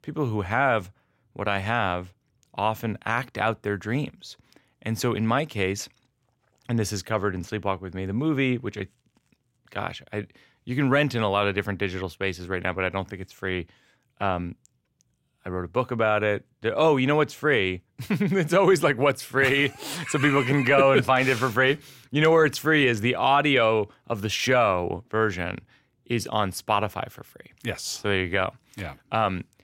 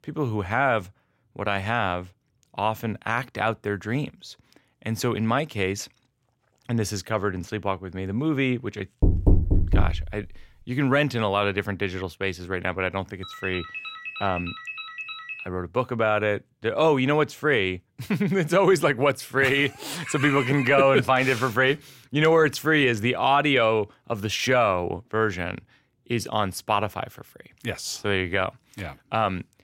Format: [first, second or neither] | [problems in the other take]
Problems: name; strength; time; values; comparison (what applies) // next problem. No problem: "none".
first | door banging; loud; from 9 to 10 s; peak 3 dB above the speech // phone ringing; noticeable; from 13 to 15 s; peak 9 dB below the speech